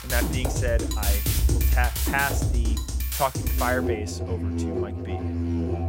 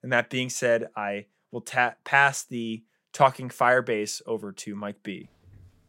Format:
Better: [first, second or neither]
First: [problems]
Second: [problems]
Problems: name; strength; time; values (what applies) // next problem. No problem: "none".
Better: second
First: background music; very loud; throughout; 4 dB above the speech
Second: none